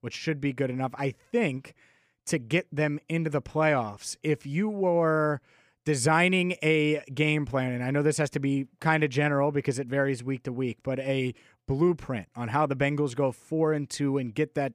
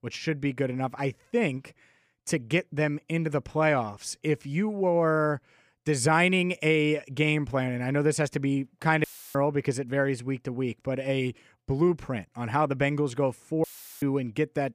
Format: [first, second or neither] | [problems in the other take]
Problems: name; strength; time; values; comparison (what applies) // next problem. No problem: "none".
first | audio cutting out; filled with static; at 9 s and at 14 s